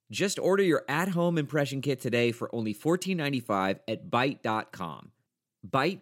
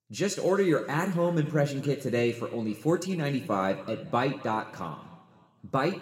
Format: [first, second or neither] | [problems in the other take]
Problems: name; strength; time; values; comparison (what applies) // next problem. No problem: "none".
first | room echo; slight; dies away in 1.4 s